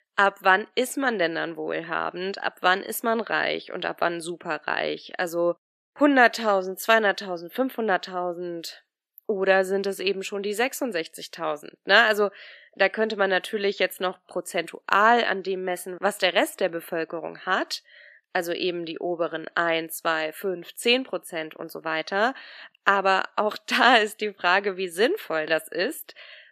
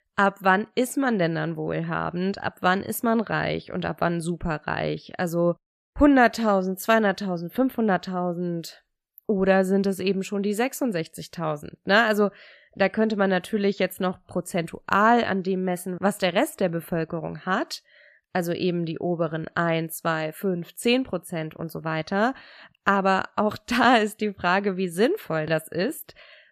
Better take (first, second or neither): second